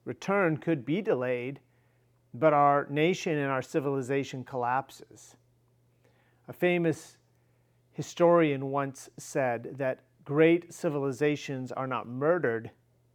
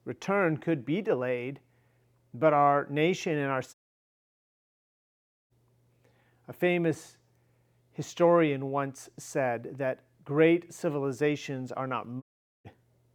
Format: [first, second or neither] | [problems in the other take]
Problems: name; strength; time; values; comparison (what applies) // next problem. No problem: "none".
first | audio cutting out; at 3.5 s for 2 s and at 12 s